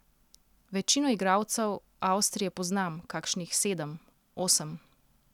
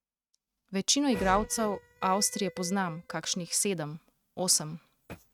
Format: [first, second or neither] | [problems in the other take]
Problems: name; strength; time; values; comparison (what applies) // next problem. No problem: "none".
first | noise reduction (neural mask model RNNoise)